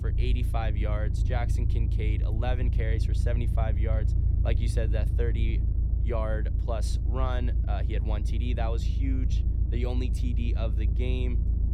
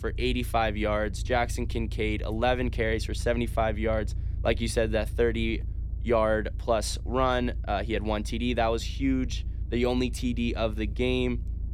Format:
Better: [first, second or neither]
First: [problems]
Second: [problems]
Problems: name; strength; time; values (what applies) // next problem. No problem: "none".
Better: second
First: low rumble; loud; throughout; 7 dB below the speech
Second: low rumble; faint; throughout; 25 dB below the speech